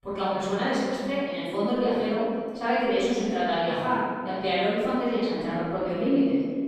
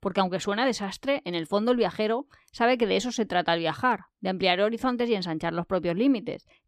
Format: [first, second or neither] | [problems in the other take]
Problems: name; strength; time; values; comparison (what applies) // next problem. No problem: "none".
second | off-mic speech; far // room echo; strong; dies away in 1.8 s